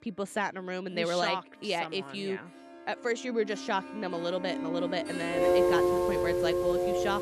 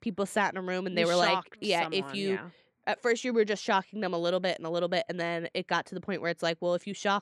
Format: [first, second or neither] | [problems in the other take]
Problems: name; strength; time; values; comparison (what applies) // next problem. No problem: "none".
second | background music; very loud; throughout; 4 dB above the speech